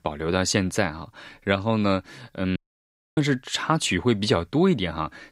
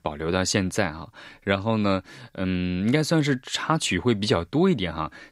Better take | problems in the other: second | audio cutting out; at 2.5 s for 0.5 s

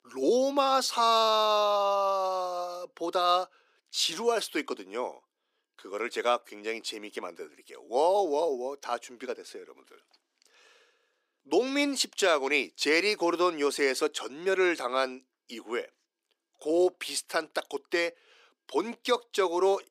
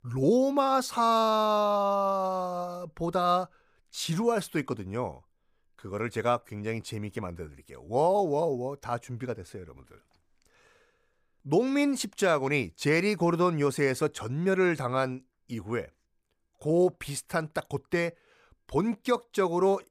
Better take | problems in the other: second | thin; somewhat; fading below 300 Hz

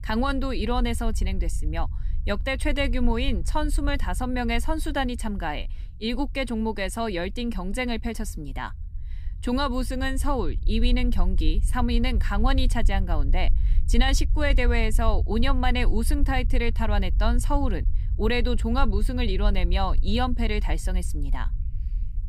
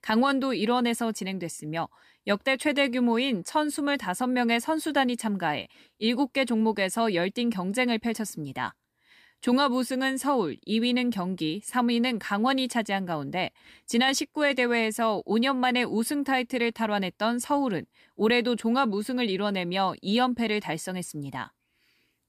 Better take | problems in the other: second | low rumble; faint; throughout; 20 dB below the speech

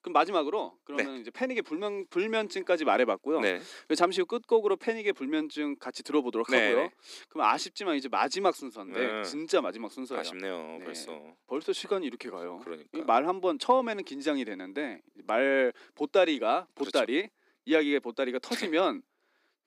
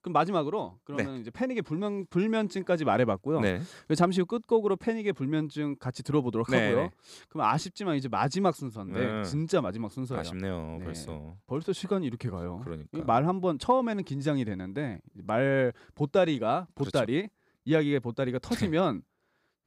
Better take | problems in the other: second | thin; very slightly; fading below 250 Hz

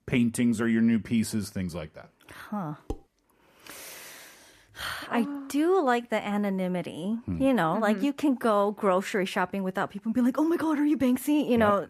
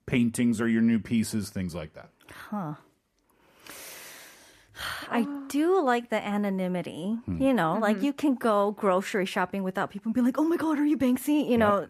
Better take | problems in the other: second | clattering dishes; faint; at 3 s; peak 15 dB below the speech

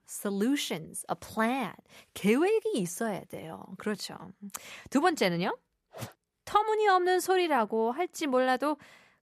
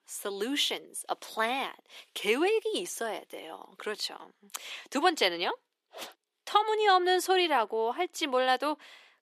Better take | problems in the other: first | thin; somewhat; fading below 350 Hz

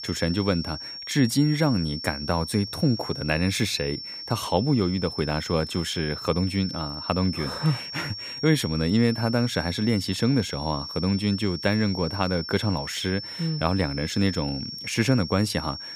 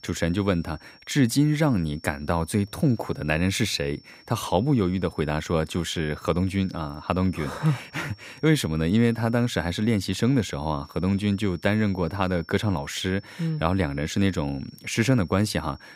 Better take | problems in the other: second | high-pitched whine; loud; throughout; 5.5 kHz, 8 dB below the speech; faint in the second

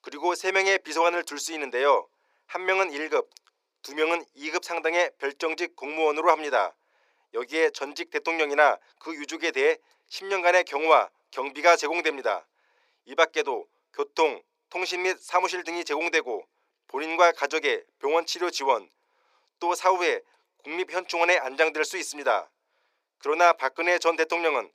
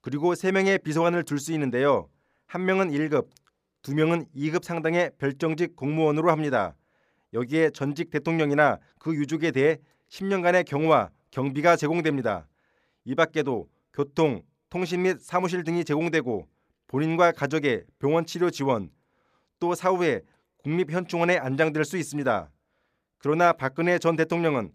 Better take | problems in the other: second | thin; very; fading below 400 Hz

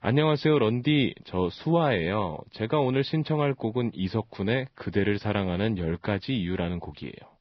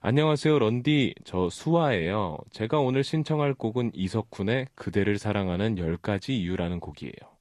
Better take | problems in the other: second | garbled, watery; badly; slightly in the second

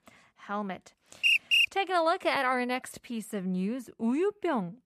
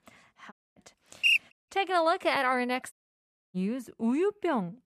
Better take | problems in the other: first | audio cutting out; at 0.5 s, at 1.5 s and at 3 s for 0.5 s

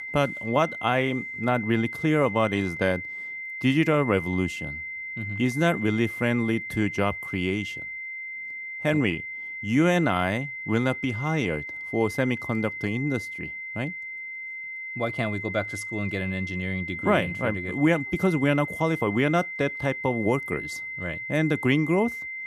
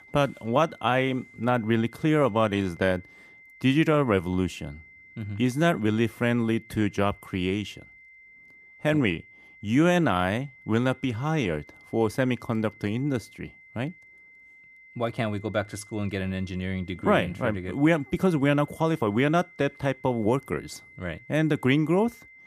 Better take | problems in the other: second | high-pitched whine; loud; throughout; 2 kHz, 7 dB below the speech; faint in the second

